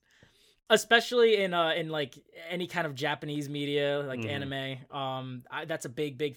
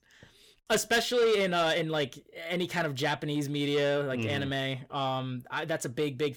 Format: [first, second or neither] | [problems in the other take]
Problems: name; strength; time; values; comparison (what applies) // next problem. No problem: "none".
first | distortion; heavy; 7 dB below the speech